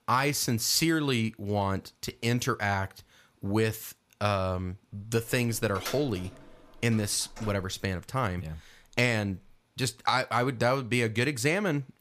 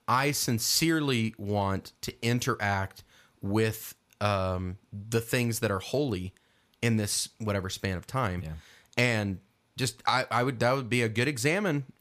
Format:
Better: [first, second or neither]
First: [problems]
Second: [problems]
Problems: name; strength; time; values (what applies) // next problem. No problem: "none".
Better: second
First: door banging; noticeable; from 5.5 to 9.5 s; peak 9 dB below the speech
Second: none